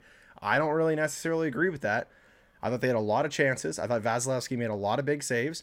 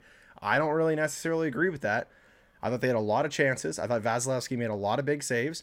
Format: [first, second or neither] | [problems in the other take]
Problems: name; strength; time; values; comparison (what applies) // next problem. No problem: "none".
neither | none